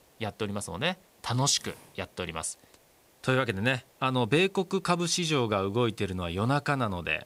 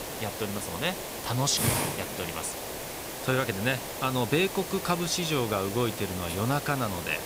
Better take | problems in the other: first | hiss; loud; throughout; 4 dB below the speech; faint in the first

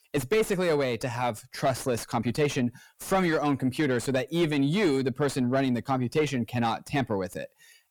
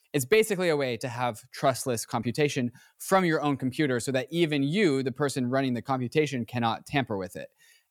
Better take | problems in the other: second | distortion; slight; 9 dB below the speech

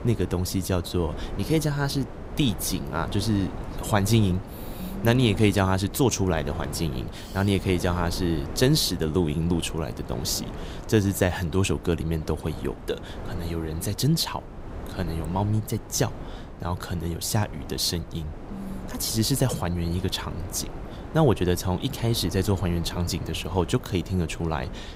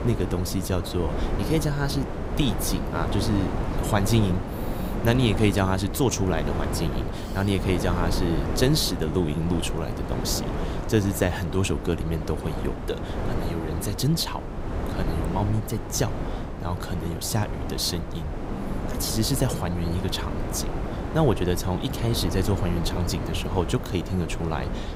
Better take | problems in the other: first | wind noise on the microphone; heavy; 5 dB below the speech; occasional gusts in the first

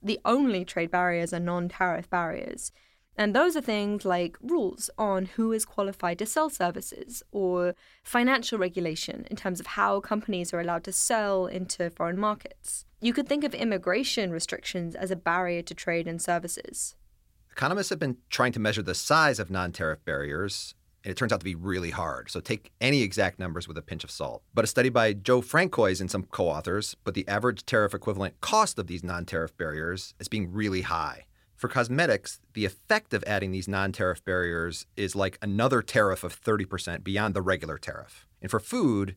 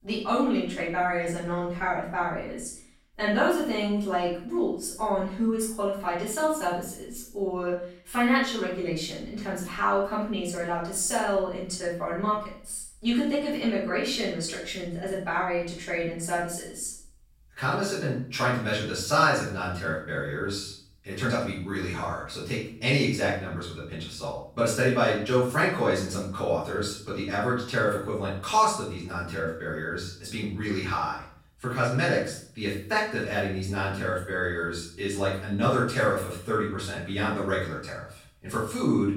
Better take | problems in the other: first | off-mic speech; far // room echo; noticeable; dies away in 0.5 s

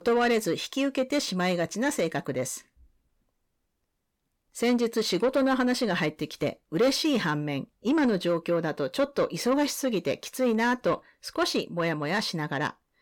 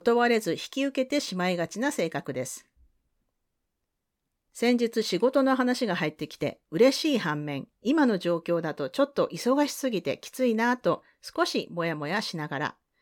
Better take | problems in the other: second | distortion; slight; 10 dB below the speech

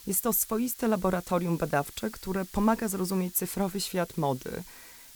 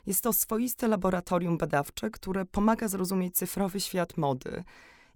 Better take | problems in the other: second | hiss; noticeable; throughout; 20 dB below the speech

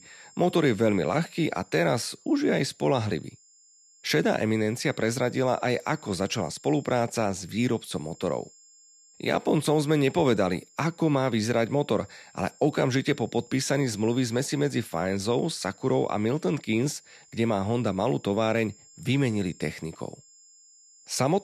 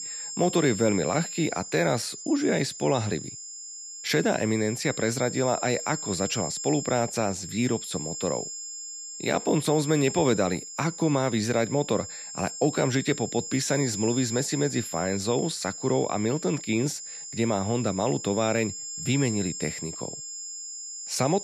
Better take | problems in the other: first | high-pitched whine; loud; throughout; 7.5 kHz, 8 dB below the speech; faint in the first

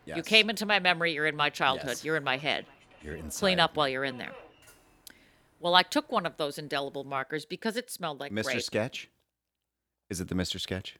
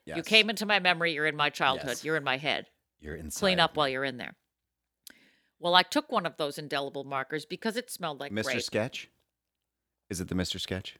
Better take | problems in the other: second | train or aircraft noise; faint; until 7 s; 30 dB below the speech

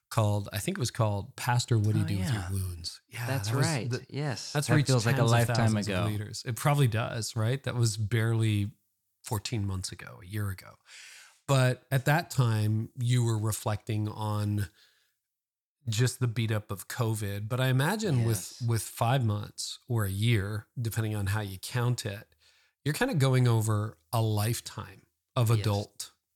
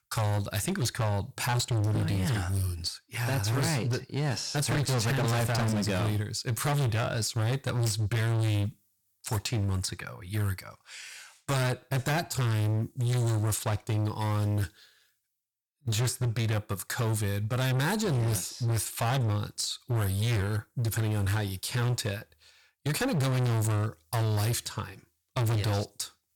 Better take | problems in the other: first | distortion; heavy; 26% of the sound clipped

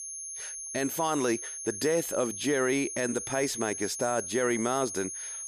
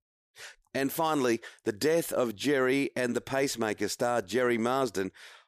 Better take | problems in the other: second | high-pitched whine; loud; throughout; 6.5 kHz, 6 dB below the speech

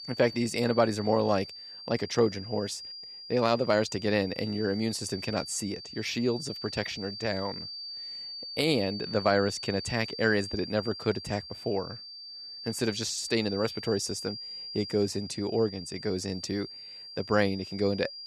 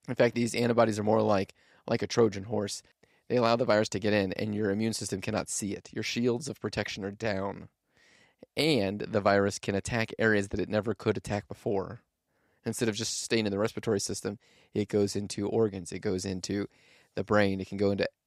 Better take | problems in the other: second | high-pitched whine; loud; throughout; 4.5 kHz, 9 dB below the speech

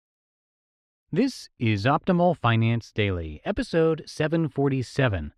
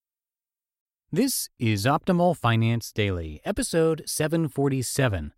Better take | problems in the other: second | muffled; slightly; fading above 3 kHz

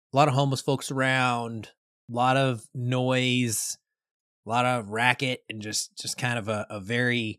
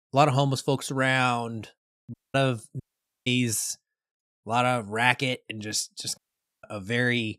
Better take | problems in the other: first | audio cutting out; at 2 s, at 3 s and at 6 s

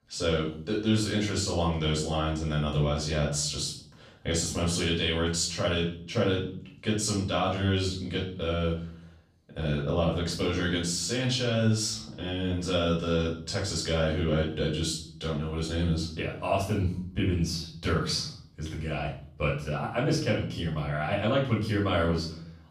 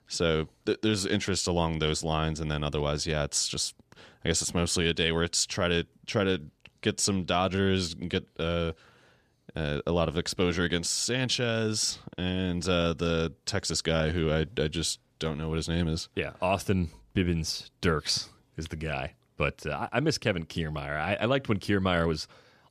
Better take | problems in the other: second | off-mic speech; far // room echo; noticeable; dies away in 0.5 s

